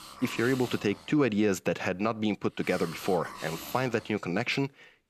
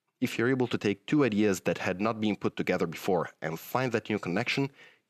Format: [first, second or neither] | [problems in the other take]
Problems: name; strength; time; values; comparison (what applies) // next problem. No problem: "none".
second | hiss; noticeable; throughout; 15 dB below the speech